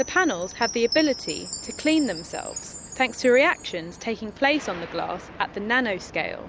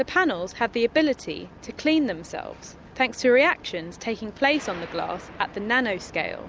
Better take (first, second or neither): second